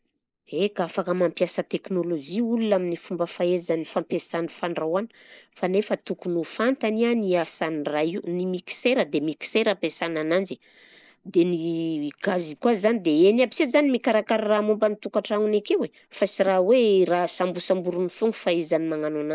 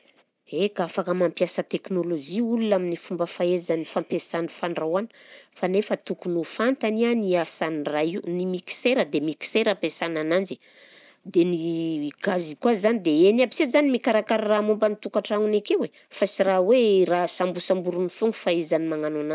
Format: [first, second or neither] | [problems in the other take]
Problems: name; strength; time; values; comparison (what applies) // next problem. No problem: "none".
second | noise reduction (neural mask model Resemble Enhance denoiser)